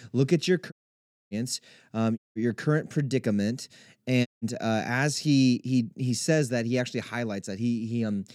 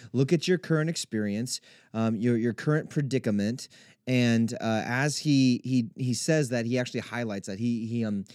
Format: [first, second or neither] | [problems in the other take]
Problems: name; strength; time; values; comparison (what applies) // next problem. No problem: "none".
second | audio cutting out; at 0.5 s for 0.5 s, at 2 s and at 4.5 s